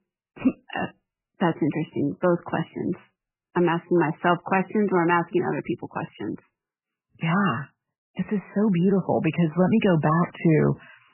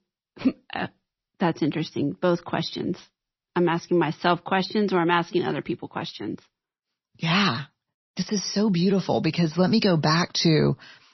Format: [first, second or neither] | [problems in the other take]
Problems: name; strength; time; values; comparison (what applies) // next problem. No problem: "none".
second | garbled, watery; badly; nothing above 3 kHz; slightly in the second